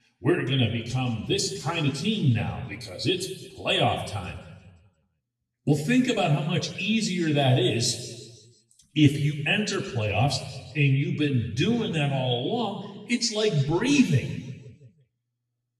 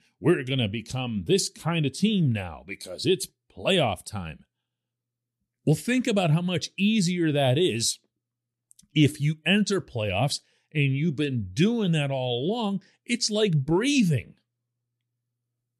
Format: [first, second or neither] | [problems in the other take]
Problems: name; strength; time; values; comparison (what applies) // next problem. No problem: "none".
second | room echo; slight; dies away in 1.3 s // off-mic speech; far